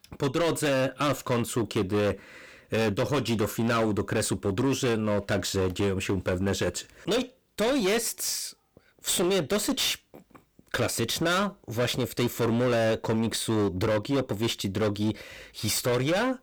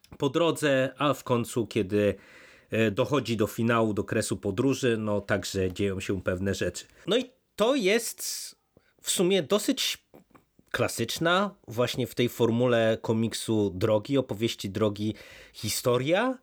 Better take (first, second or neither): second